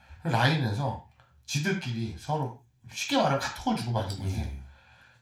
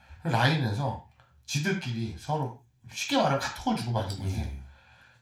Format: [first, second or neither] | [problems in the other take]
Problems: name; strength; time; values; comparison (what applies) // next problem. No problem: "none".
neither | room echo; slight; dies away in 0.3 s; the same in both // off-mic speech; somewhat distant; the same in both